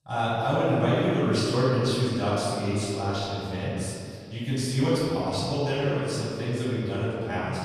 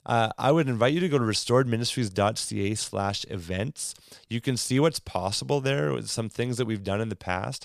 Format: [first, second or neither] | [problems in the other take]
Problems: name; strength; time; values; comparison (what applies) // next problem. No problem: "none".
second | off-mic speech; far // room echo; strong; dies away in 2.2 s